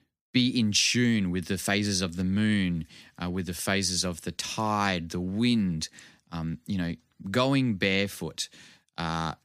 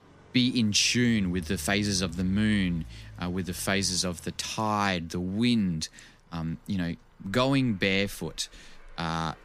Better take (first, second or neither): first